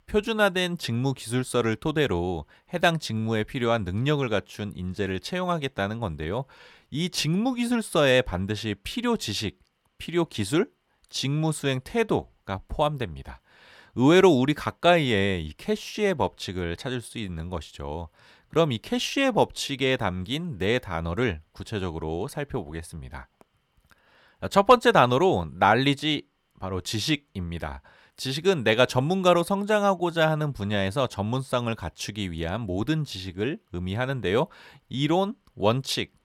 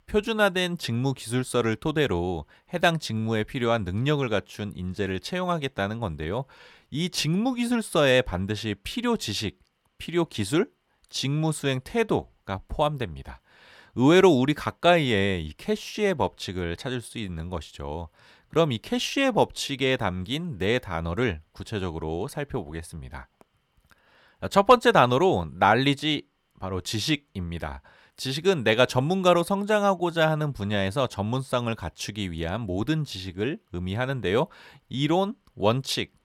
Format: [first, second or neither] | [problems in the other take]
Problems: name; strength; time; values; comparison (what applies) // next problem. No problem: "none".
neither | none